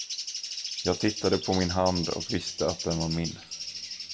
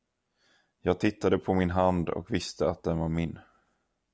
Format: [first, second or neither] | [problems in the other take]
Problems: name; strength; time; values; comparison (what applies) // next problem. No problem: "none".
second | background sound (Bird); 6 dB below the speech // room echo; dies away in 0.9 s